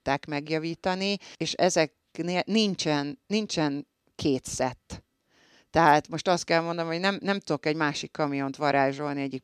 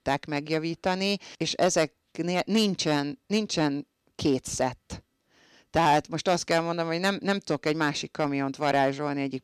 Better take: first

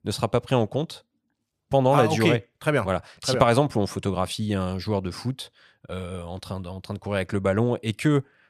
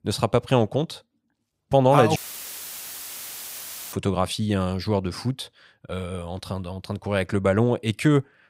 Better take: first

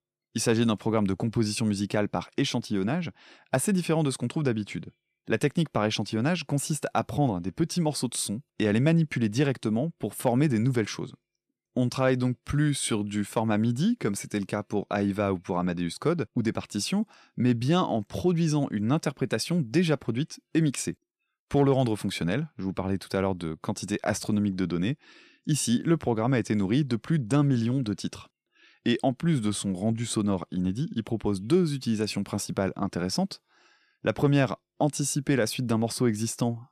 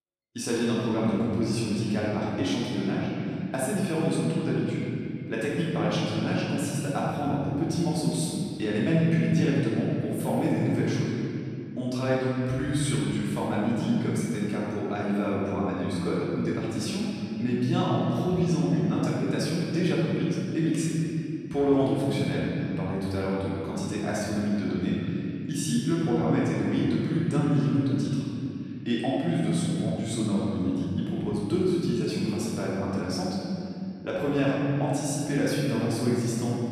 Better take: first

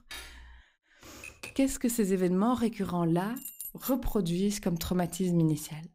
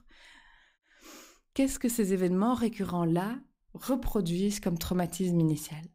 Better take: second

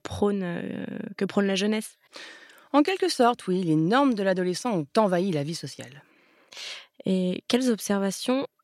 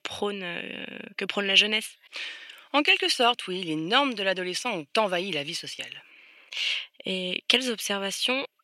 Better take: first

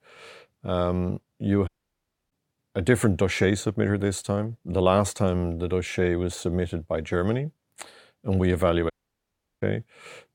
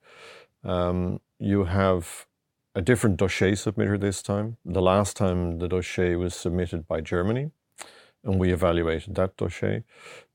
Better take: second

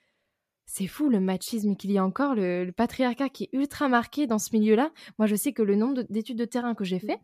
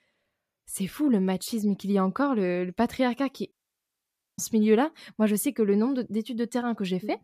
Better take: first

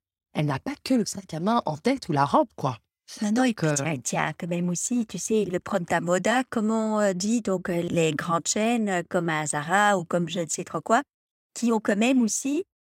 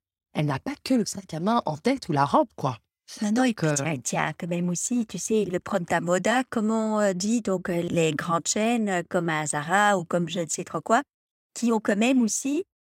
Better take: neither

